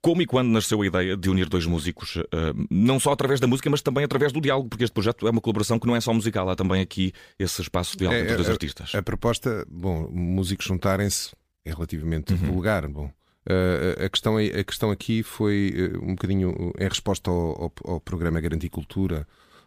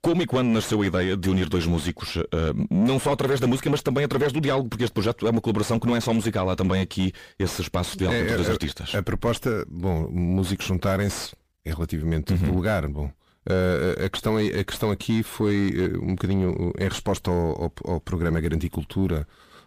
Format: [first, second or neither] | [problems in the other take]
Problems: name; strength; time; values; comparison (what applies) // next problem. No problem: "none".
first | distortion; slight; 9 dB below the speech